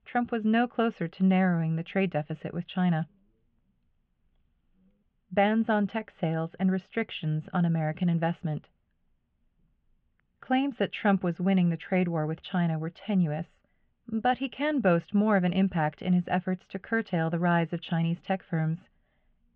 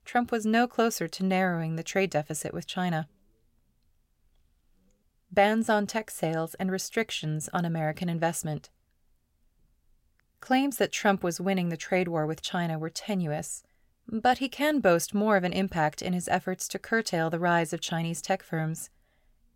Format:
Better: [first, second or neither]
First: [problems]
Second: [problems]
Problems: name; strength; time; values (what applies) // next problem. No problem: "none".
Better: second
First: muffled; very; fading above 3 kHz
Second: none